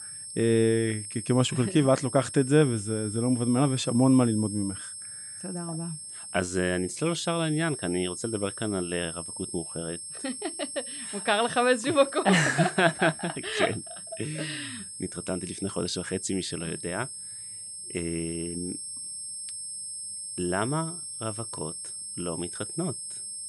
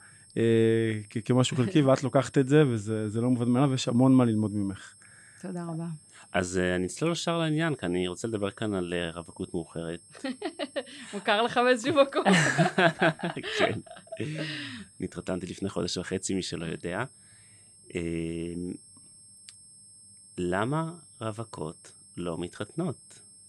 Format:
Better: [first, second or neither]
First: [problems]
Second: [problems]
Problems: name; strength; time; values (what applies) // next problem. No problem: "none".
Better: second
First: high-pitched whine; loud; throughout; 8.5 kHz, 8 dB below the speech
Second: high-pitched whine; faint; throughout; 8.5 kHz, 25 dB below the speech